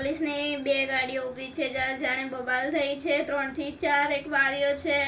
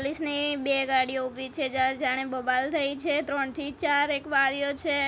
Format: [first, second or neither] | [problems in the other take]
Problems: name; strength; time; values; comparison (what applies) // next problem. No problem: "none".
second | room echo; dies away in 0.3 s